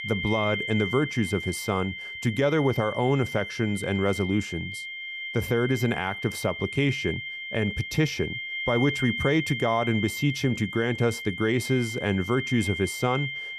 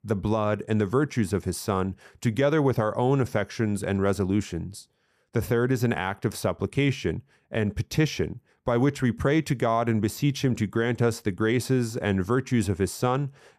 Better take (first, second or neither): second